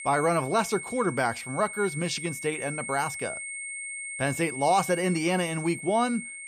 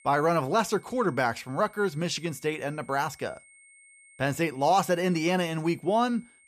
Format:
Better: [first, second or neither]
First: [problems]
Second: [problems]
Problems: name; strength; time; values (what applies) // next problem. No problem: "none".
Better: second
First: high-pitched whine; loud; throughout; 2 kHz, 8 dB below the speech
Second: high-pitched whine; faint; throughout; 2 kHz, 25 dB below the speech